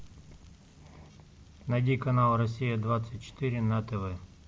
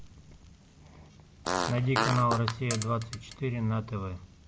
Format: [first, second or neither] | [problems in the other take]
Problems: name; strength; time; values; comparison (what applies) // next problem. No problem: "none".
first | background sound (Fart); 2 dB below the speech